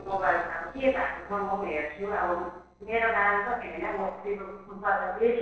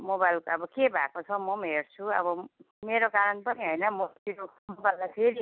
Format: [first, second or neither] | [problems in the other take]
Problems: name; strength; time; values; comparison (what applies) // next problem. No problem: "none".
second | noise reduction (neural separator model SepFormer DNS4)